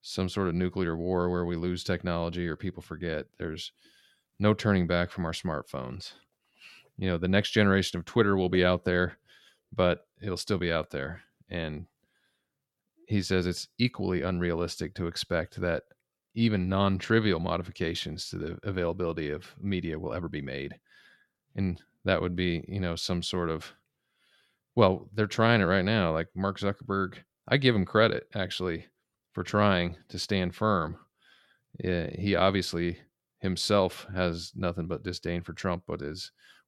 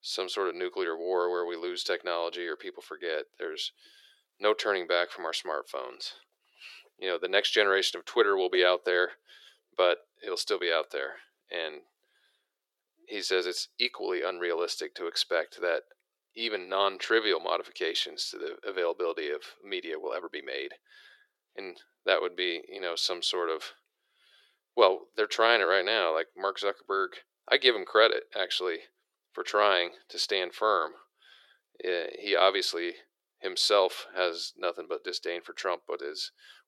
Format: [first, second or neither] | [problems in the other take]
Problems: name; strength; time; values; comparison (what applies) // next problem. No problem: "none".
first | thin; very; fading below 400 Hz